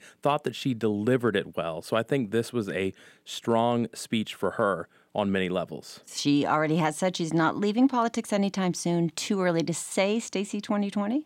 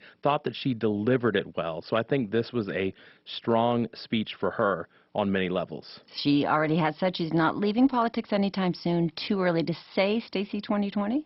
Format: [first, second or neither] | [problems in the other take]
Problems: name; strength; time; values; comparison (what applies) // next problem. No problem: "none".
first | garbled, watery; badly; nothing above 5.5 kHz